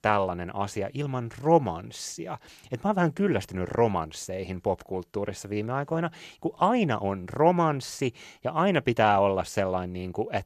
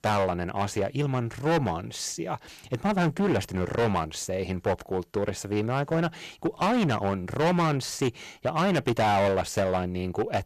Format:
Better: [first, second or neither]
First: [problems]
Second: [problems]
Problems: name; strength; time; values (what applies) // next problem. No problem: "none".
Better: first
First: none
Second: distortion; heavy; 11% of the sound clipped